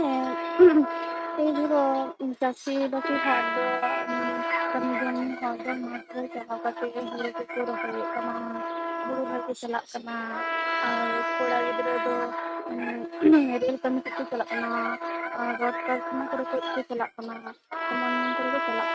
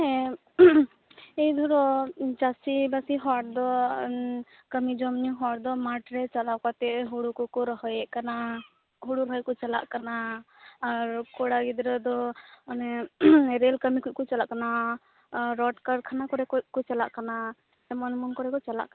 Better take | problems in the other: second | noise reduction (neural mask model RNNoise)

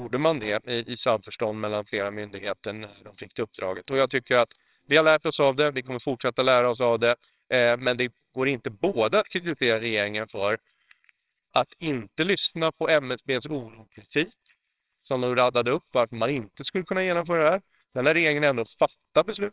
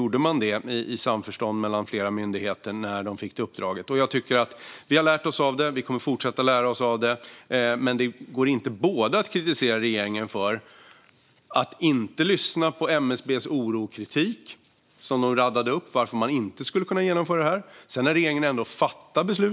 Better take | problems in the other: second | noise reduction (neural separator model SepFormer WHAMR!)

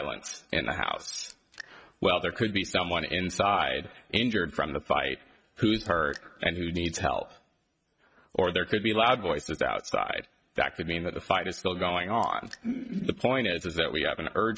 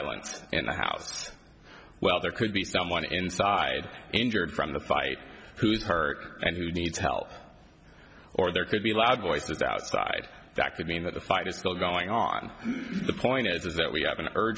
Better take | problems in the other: second | noise reduction (neural mask model RNNoise)

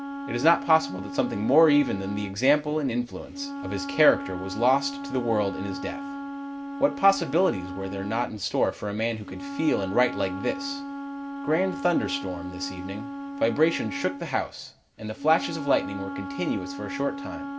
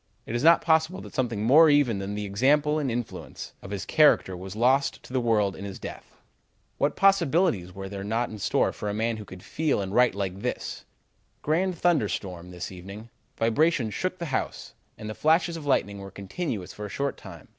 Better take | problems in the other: second | background sound (Wind instrument, woodwind instrument); 9 dB below the speech // room echo; dies away in 0.3 s

